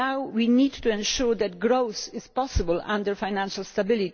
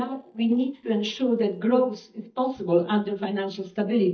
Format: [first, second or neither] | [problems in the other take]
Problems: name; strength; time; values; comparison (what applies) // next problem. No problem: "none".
first | noise reduction (neural mask model DeepFilterNet 3)